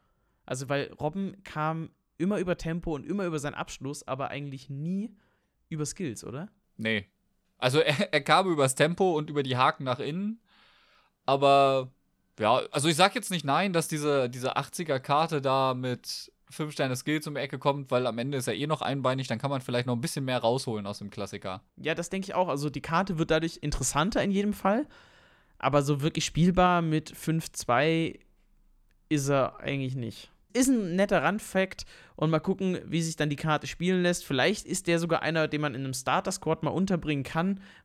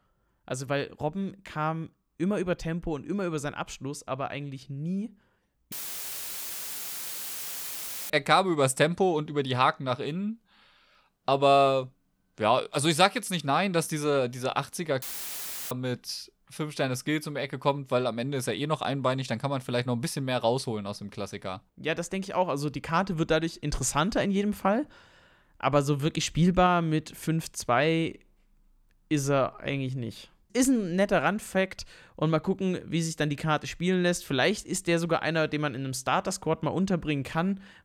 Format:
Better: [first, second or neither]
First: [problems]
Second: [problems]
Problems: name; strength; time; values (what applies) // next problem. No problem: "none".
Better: first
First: none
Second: audio cutting out; filled with static; at 5.5 s for 2.5 s and at 15 s for 0.5 s